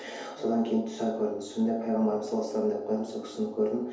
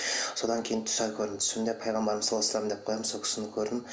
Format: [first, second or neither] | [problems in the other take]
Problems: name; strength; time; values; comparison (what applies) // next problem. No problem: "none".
second | background sound (Brass instrument); 20 dB below the speech // room echo; dies away in 2.2 s